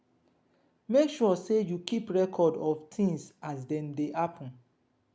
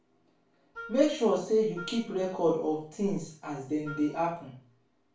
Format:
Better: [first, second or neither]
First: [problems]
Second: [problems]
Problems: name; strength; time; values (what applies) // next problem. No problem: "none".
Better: first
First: none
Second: background sound (Wind instrument, woodwind instrument); 18 dB below the speech // room echo; dies away in 0.3 s